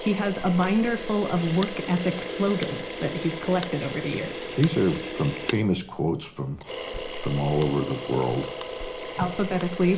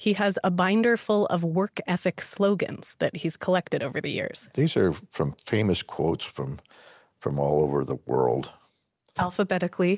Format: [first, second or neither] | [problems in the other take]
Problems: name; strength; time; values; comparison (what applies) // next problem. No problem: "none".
second | background sound (Camera); 8 dB below the speech // room echo; dies away in 0.4 s